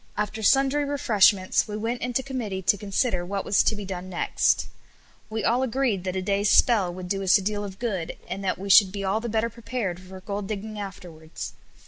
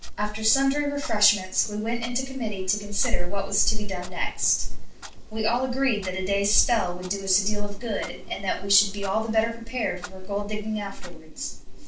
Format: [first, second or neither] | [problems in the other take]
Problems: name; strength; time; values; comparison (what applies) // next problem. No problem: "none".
first | noise reduction (neural separator model SepFormer DNS4)